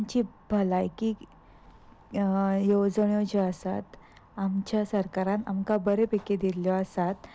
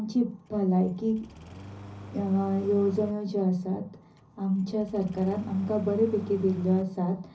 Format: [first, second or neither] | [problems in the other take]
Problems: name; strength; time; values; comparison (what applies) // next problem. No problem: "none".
first | background sound (Engine starting); 17 dB below the speech // room echo; dies away in 0.5 s